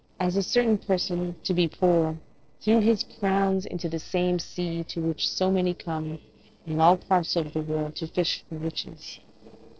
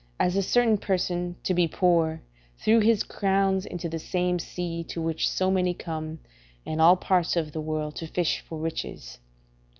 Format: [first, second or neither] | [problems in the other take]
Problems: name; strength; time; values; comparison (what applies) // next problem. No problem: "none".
second | noise reduction (neural separator model SepFormer DNS4)